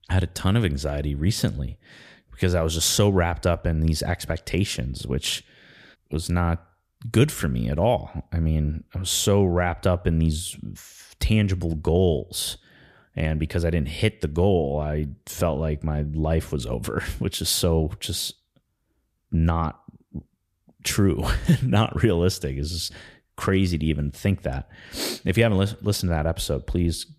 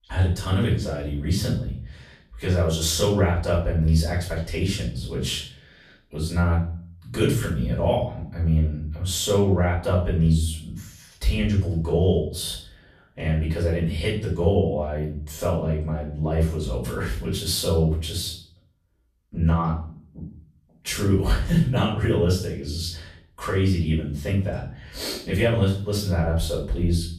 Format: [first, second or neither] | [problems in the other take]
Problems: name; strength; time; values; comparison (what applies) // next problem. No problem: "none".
first | off-mic speech; far // room echo; noticeable; dies away in 0.5 s